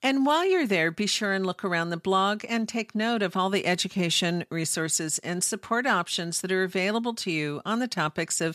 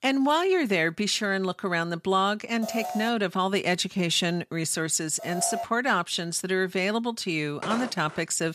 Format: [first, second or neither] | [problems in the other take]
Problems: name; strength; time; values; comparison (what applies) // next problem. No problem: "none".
first | alarm; noticeable; at 2.5 s and at 5 s; peak 6 dB below the speech // footsteps; noticeable; at 7.5 s; peak 8 dB below the speech